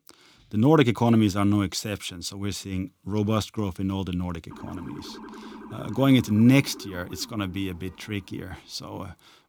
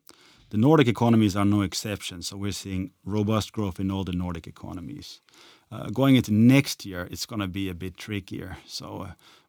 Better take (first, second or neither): second